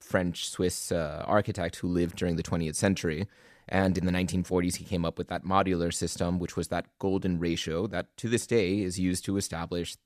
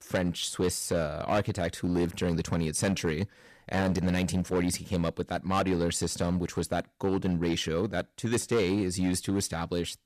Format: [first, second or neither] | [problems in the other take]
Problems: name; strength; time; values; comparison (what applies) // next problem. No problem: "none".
first | distortion; slight; 7% of the sound clipped